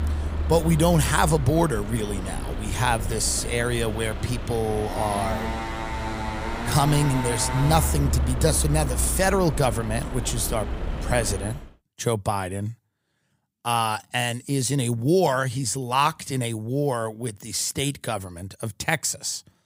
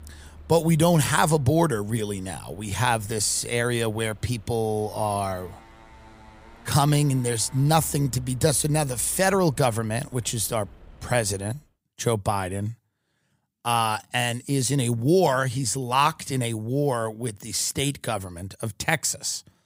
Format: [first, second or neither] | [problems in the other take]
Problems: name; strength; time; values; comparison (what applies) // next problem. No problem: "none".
second | traffic noise; loud; until 12 s; 6 dB below the speech; faint in the second